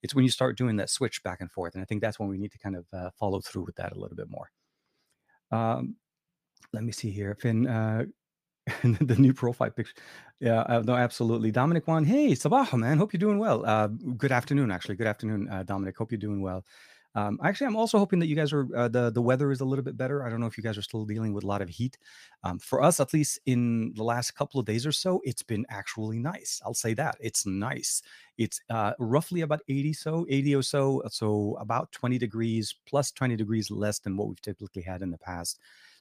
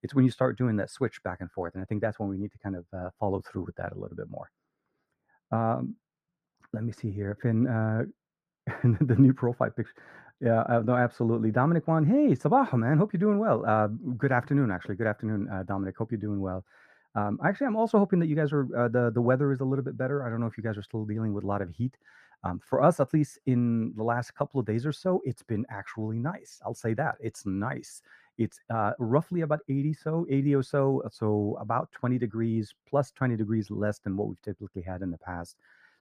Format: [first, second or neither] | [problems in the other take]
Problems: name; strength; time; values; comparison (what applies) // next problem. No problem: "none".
first | muffled; very; fading above 2 kHz